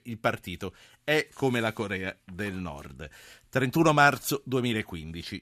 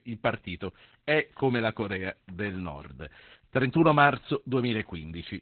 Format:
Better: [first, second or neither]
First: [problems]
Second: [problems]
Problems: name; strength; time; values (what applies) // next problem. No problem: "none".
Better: first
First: none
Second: garbled, watery; badly; nothing above 4 kHz